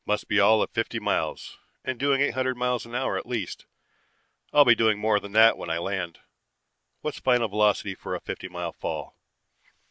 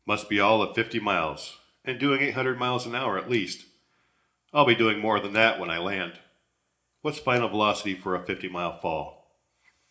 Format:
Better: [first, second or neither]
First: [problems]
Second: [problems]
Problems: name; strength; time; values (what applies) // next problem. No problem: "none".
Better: first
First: none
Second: room echo; dies away in 0.4 s